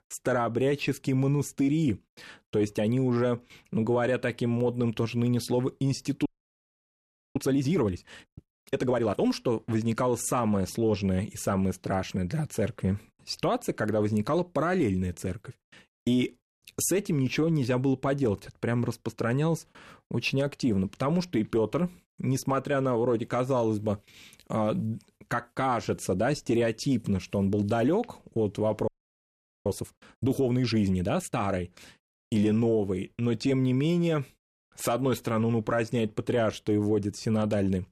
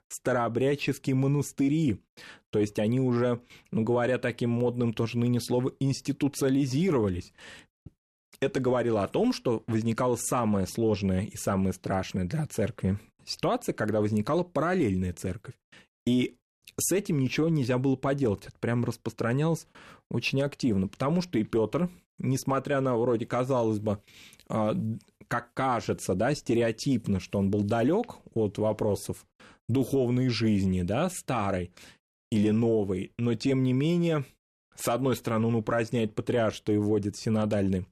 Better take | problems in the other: second | audio freezing; at 6.5 s for 1 s and at 29 s for 1 s

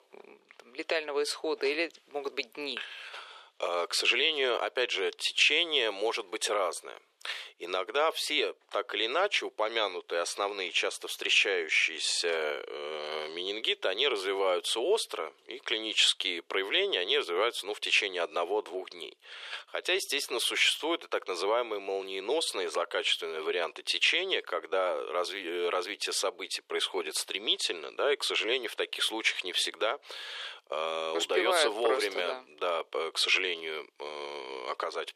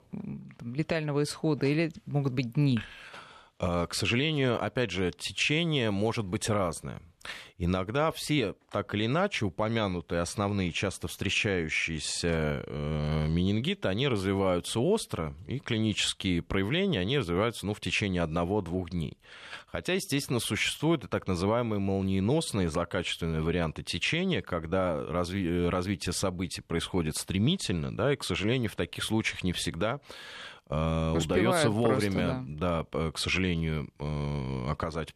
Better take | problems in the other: second | thin; very; fading below 400 Hz

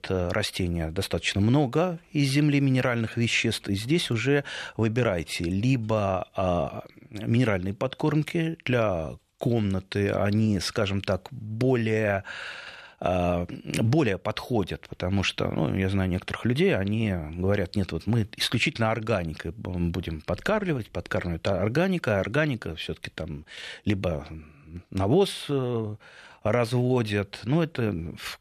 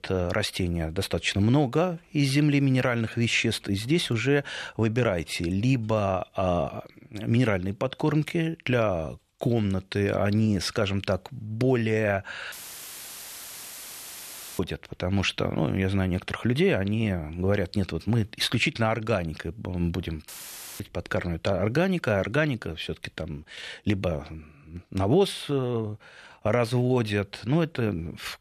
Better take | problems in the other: first | audio cutting out; filled with static; at 13 s for 2 s and at 20 s for 0.5 s

